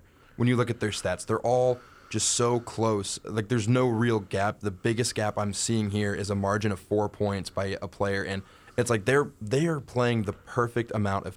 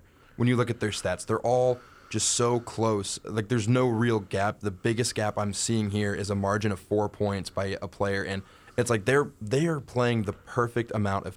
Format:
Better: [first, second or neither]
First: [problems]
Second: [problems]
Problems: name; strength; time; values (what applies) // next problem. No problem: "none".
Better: neither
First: none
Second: none